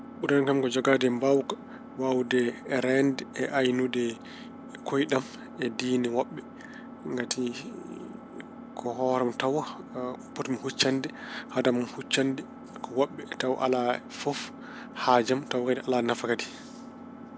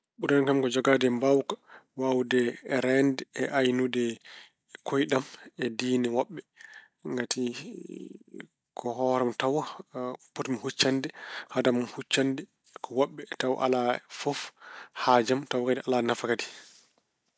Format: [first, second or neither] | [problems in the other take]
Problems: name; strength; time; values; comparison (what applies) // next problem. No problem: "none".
second | background sound (Engine); 15 dB below the speech